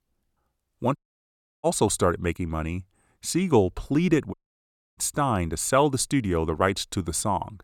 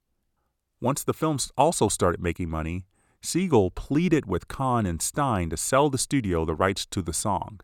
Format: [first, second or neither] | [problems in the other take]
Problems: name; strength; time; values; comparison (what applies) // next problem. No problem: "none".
second | audio cutting out; at 1 s for 0.5 s and at 4.5 s for 0.5 s